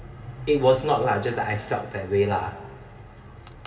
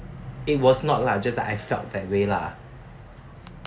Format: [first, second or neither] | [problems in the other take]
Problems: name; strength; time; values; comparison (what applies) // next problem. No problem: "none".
second | room echo; dies away in 2.1 s